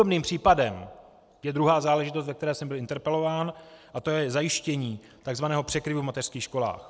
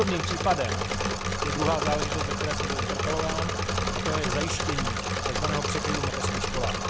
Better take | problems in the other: first | background sound (Engine / Mechanisms); 4 dB above the speech

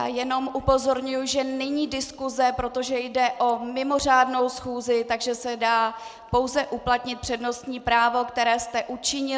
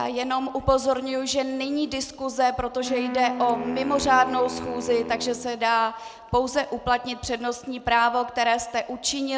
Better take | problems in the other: first | background sound (Wind instrument, woodwind instrument); 9 dB below the speech

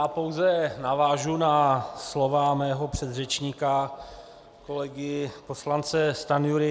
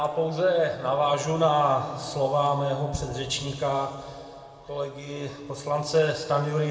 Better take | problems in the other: first | room echo; dies away in 2 s

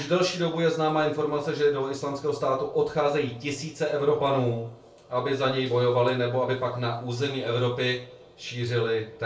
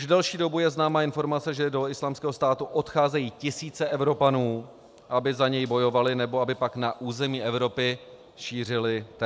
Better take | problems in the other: second | room echo; dies away in 0.3 s

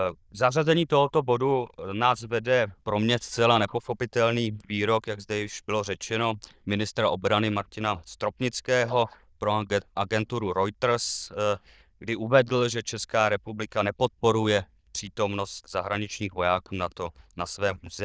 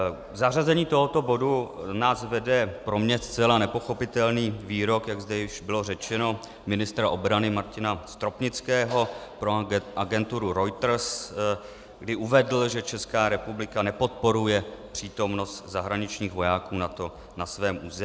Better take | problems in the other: second | noise reduction (neural diffusion model UNIVERSE++)

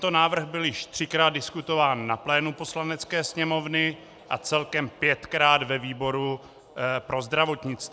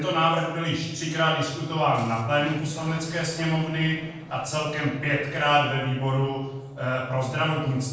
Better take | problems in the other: first | noise reduction (neural separator model SepFormer DNS4)

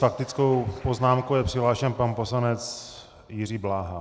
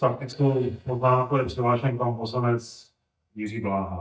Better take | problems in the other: first | noise reduction (neural mask model DeepFilterNet 3)

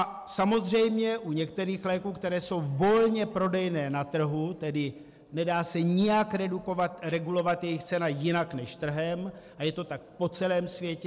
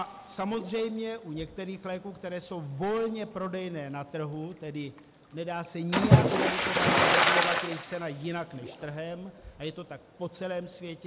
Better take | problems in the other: first | background sound (Splash, splatter); 4 dB above the speech

